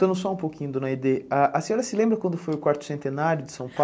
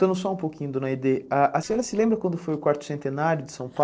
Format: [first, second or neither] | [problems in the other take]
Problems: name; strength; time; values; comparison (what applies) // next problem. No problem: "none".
first | noise reduction (neural separator model SepFormer DNS4)